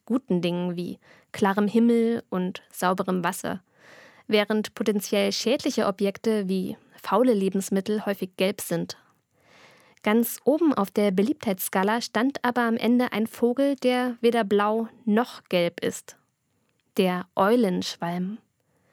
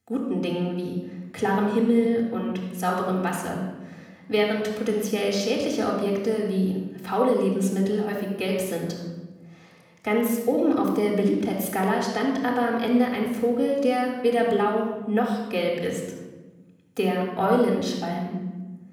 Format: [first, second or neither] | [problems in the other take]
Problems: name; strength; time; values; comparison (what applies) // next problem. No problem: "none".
first | off-mic speech; far // room echo; noticeable; dies away in 1.1 s